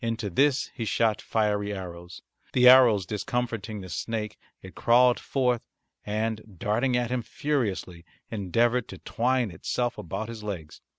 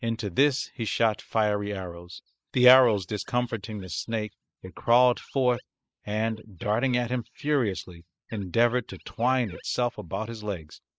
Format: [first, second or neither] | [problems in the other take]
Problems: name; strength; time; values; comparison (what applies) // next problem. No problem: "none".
first | noise reduction (neural mask model Resemble Enhance denoiser)